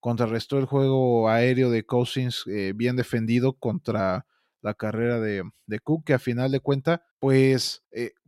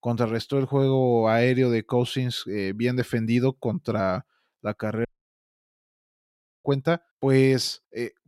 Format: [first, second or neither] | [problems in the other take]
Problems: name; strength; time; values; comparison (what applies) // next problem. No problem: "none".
first | audio cutting out; at 5 s for 1.5 s